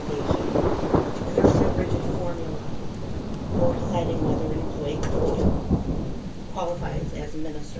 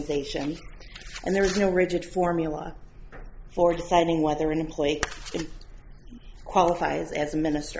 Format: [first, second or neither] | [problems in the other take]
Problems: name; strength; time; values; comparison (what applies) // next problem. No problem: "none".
second | background sound (Thunder); 4 dB above the speech // room echo; dies away in 0.1 s